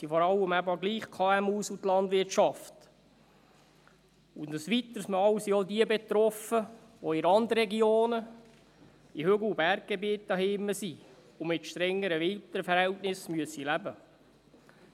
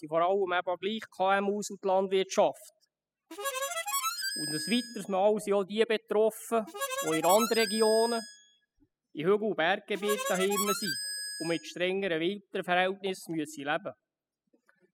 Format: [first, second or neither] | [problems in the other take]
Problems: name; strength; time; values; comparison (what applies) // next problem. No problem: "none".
first | noise reduction (classical method spectral subtraction)